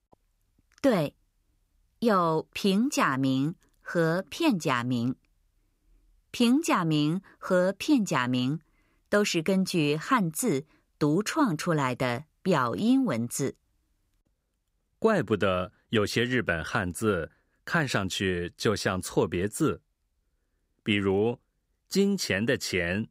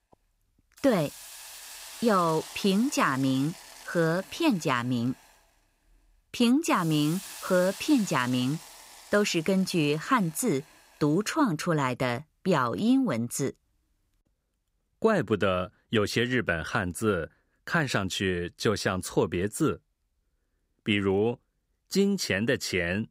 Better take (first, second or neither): first